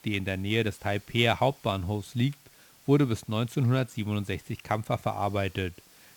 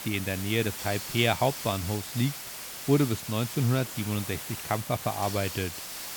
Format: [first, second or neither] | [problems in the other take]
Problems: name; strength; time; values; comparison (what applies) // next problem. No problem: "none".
first | hiss; loud; throughout; 7 dB below the speech; faint in the first